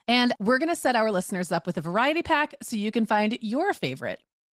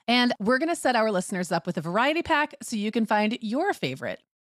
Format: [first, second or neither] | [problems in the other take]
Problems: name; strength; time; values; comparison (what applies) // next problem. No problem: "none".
second | garbled, watery; slightly; nothing above 15.5 kHz